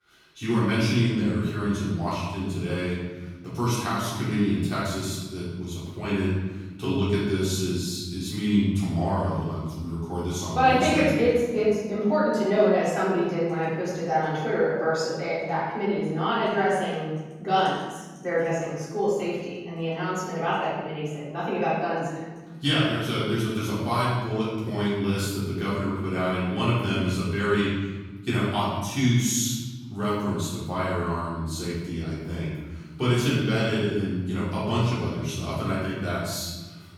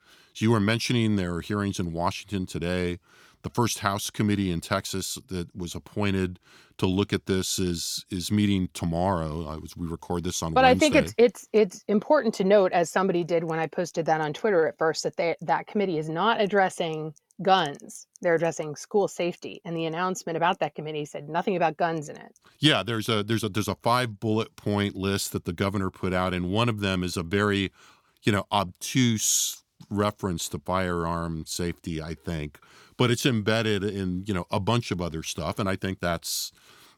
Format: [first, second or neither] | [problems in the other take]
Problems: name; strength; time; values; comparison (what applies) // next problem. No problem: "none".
second | off-mic speech; far // room echo; strong; dies away in 1.4 s